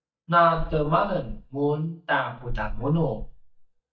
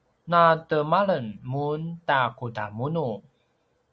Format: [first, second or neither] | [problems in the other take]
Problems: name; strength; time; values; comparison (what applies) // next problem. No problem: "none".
second | noise reduction (neural mask model DeepFilterNet 3)